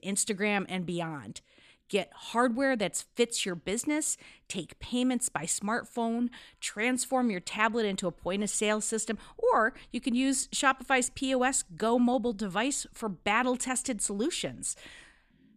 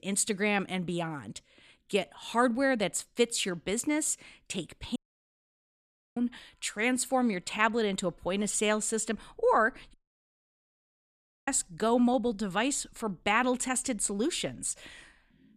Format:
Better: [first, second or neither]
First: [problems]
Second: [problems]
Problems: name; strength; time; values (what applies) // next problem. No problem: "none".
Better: first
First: none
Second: audio cutting out; at 5 s for 1 s and at 10 s for 1.5 s